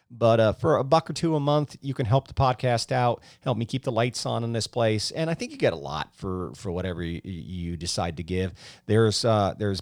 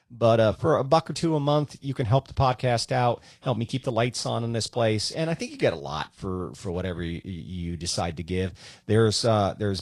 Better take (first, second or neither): first